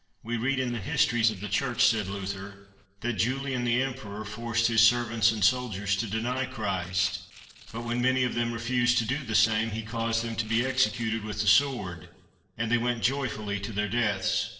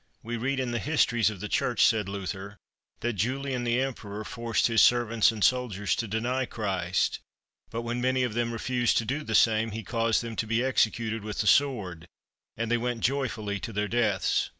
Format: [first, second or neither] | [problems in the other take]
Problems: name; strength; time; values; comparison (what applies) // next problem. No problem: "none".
second | noise reduction (neural separator model SepFormer DNS4)